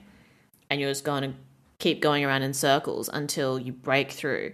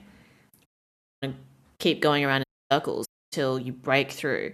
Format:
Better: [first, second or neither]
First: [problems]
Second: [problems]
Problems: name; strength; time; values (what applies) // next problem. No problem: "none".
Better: first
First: none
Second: audio cutting out; at 0.5 s for 0.5 s, at 2.5 s and at 3 s